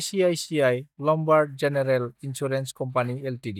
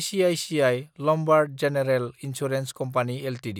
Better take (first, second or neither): second